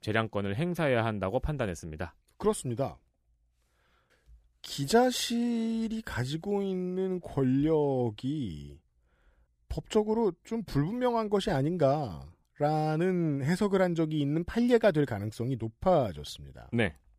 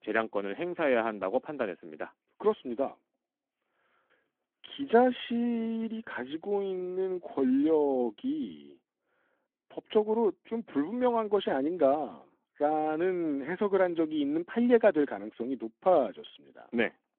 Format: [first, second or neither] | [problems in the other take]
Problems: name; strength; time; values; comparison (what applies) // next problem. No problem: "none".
first | phone-call audio